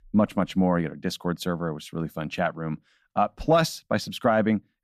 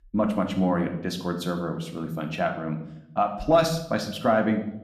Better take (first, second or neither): first